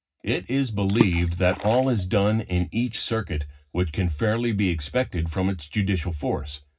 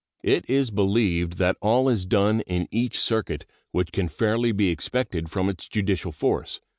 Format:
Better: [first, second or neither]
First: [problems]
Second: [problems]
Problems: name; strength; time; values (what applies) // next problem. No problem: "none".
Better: second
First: background sound (Water / Splash, splatter); 7 dB below the speech // room echo; dies away in 0.4 s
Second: none